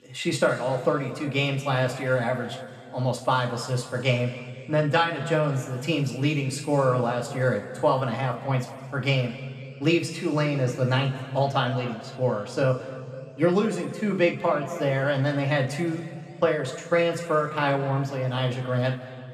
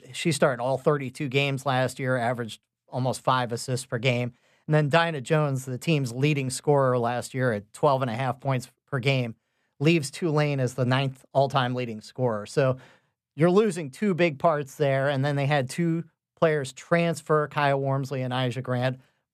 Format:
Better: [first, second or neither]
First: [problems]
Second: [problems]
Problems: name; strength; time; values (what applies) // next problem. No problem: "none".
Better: second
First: room echo; slight; dies away in 2.1 s // off-mic speech; somewhat distant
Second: none